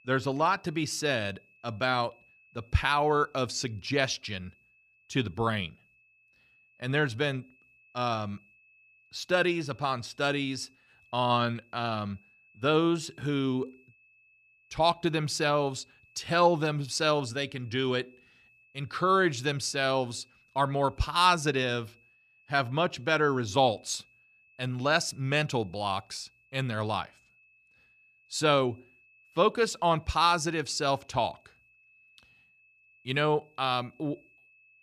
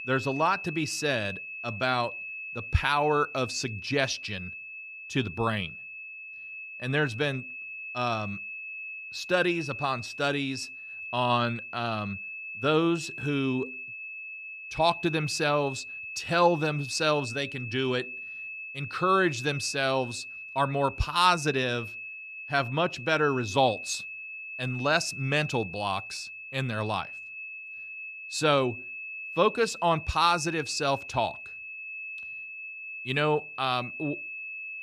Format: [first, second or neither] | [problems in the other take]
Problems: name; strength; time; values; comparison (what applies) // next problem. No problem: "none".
first | high-pitched whine; loud; throughout; 2.5 kHz, 9 dB below the speech; faint in the first